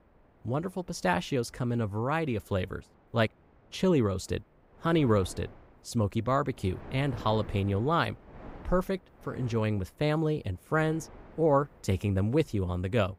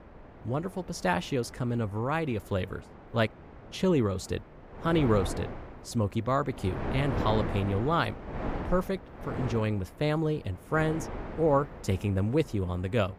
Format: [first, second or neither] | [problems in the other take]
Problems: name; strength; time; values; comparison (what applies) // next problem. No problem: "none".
first | wind noise on the microphone; heavy; 10 dB below the speech; occasional gusts in the first